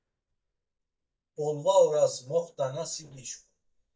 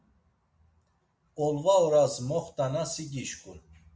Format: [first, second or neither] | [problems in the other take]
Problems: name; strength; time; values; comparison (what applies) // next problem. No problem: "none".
second | noise reduction (neural mask model DeepFilterNet 3)